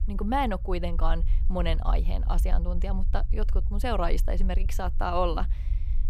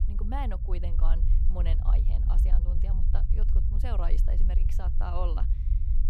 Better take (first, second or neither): first